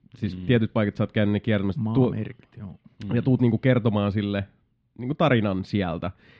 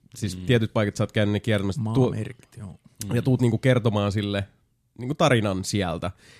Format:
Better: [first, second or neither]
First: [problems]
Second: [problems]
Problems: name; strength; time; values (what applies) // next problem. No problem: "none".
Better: second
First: muffled; slightly; fading above 3.5 kHz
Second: none